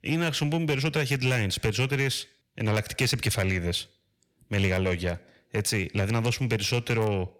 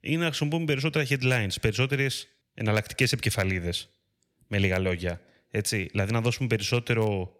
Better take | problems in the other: second | distortion; slight; 10 dB below the speech

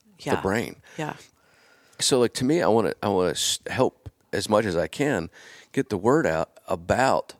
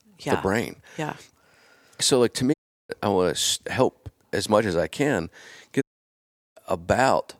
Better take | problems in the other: first | audio cutting out; at 2.5 s and at 6 s for 0.5 s

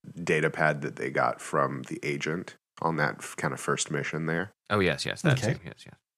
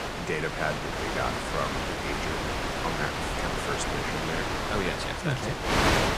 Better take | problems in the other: first | wind noise on the microphone; heavy; 4 dB above the speech

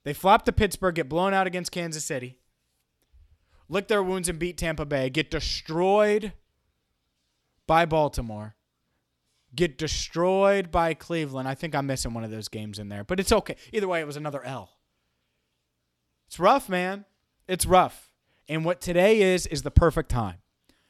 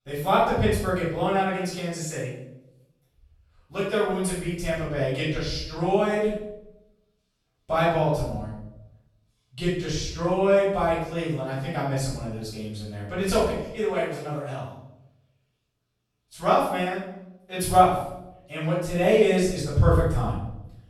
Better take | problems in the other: first | off-mic speech; far // room echo; noticeable; dies away in 0.7 s

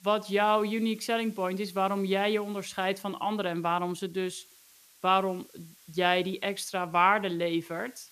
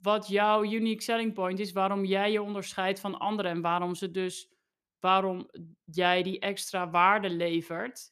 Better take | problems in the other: second | hiss; faint; throughout; 25 dB below the speech

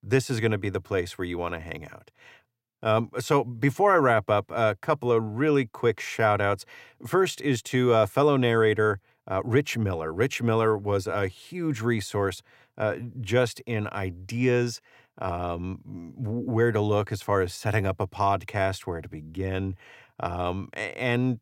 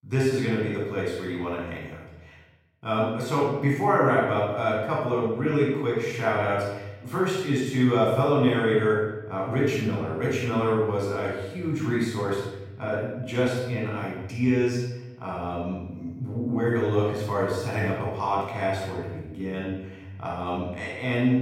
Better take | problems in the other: first | off-mic speech; far // room echo; strong; dies away in 1 s

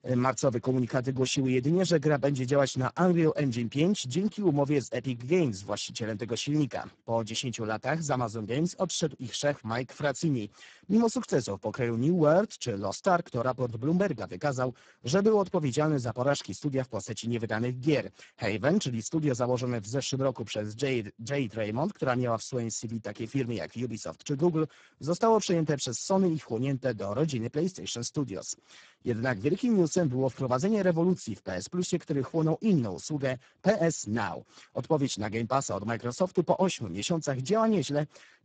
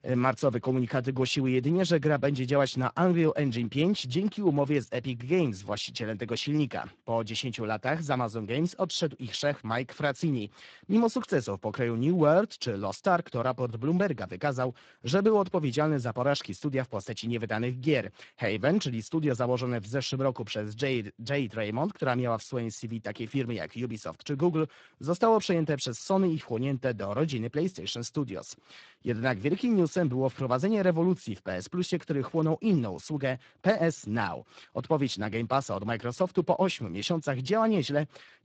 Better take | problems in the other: second | garbled, watery; badly; nothing above 7.5 kHz; slightly in the second

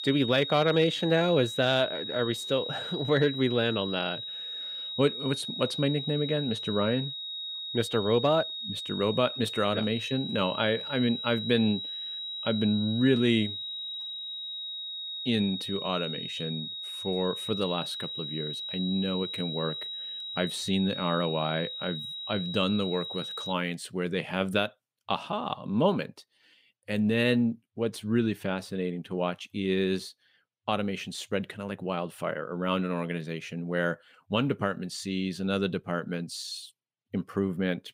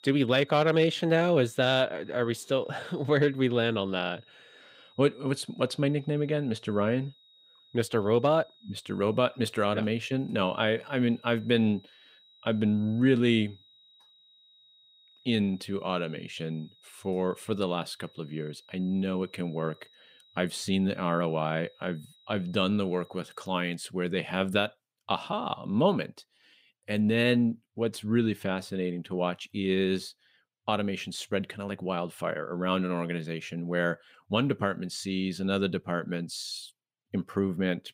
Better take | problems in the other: second | high-pitched whine; loud; until 24 s; 4 kHz, 5 dB below the speech; faint in the second

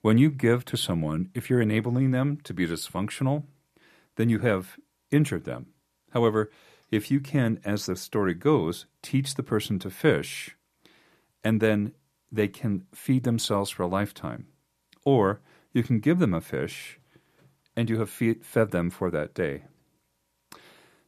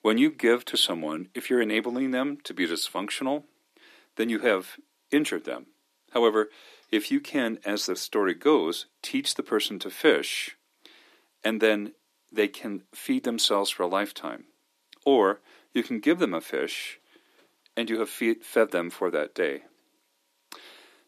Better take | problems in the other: first | thin; very slightly; fading below 250 Hz

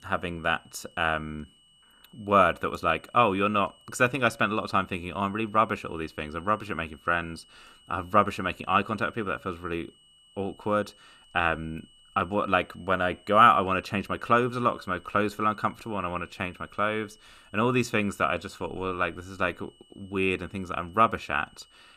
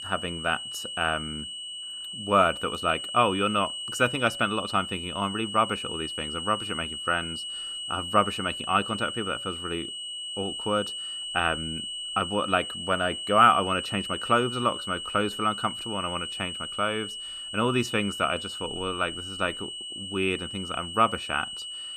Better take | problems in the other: first | high-pitched whine; loud; throughout; 3 kHz, 6 dB below the speech; faint in the first

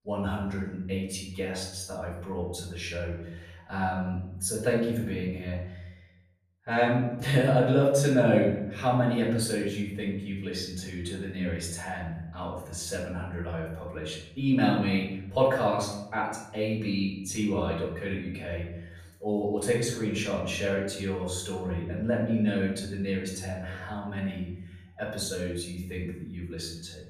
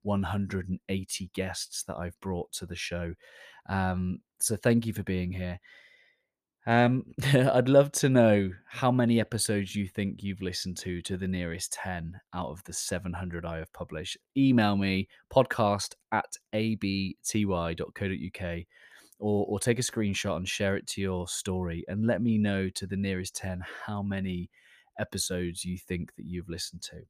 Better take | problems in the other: second | off-mic speech; far // room echo; noticeable; dies away in 0.7 s

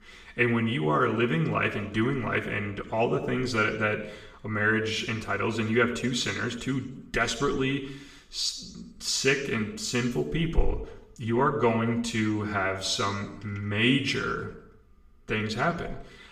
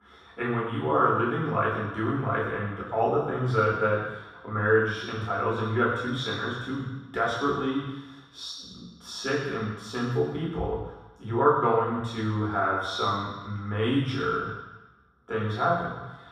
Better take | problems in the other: first | room echo; strong; dies away in 1.2 s; slight in the first // off-mic speech; far; far in the first

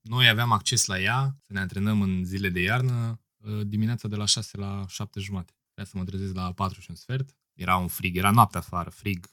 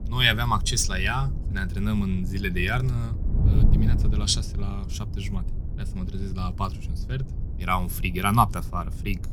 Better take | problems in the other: first | wind noise on the microphone; occasional gusts; 20 dB below the speech

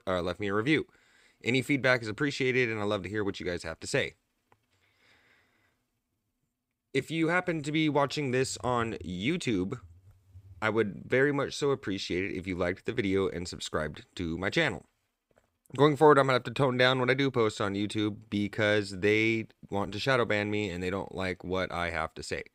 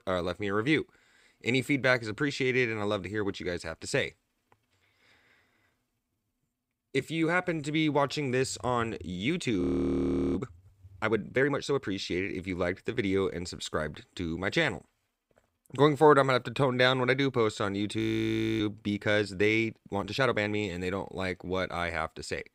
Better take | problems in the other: first | audio freezing; at 9.5 s for 0.5 s and at 18 s for 0.5 s

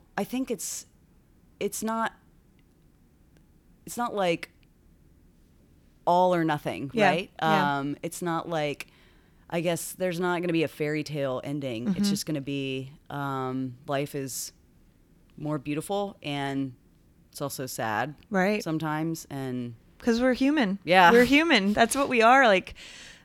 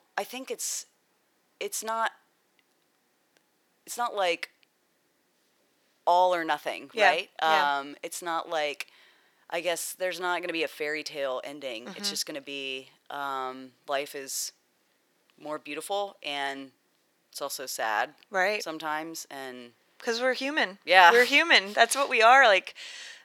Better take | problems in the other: first | thin; very; fading below 600 Hz

